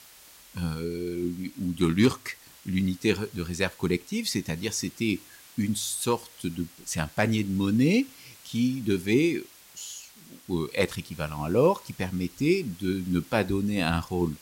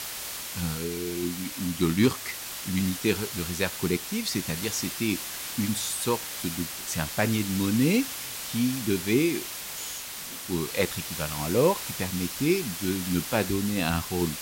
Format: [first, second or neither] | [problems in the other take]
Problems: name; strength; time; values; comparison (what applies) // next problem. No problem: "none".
first | hiss; loud; throughout; 5 dB below the speech; faint in the first